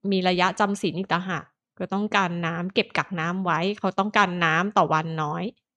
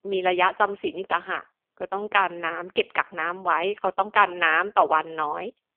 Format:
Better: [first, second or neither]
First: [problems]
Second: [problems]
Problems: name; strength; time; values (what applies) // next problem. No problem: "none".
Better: first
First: none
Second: phone-call audio; poor line; nothing above 3 kHz